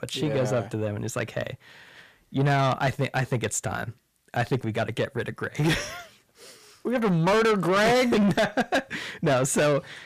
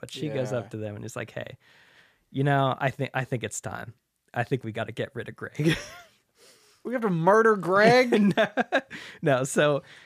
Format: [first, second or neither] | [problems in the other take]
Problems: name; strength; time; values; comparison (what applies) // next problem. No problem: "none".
second | distortion; heavy; 6 dB below the speech